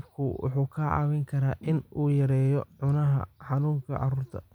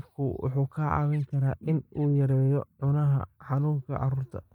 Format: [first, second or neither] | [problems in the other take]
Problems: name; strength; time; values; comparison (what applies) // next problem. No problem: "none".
first | noise reduction (neural mask model DeepFilterNet 3)